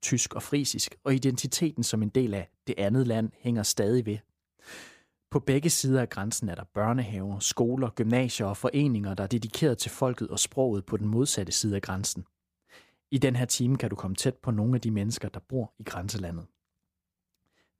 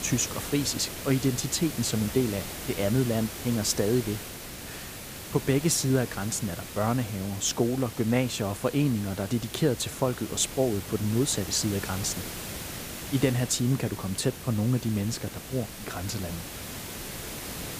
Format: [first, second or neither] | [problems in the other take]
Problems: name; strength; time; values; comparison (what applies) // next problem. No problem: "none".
first | hiss; loud; throughout; 9 dB below the speech